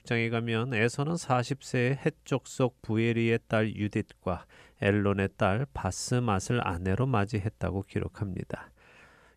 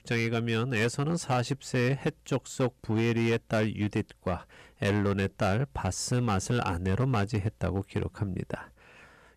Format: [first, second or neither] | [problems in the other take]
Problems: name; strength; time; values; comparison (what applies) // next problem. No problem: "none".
first | distortion; slight; 8% of the sound clipped